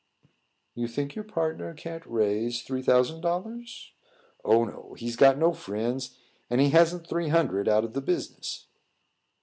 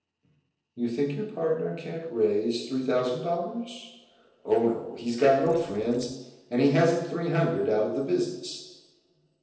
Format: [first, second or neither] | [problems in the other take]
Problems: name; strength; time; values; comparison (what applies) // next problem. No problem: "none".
first | noise reduction (neural separator model SepFormer DNS4)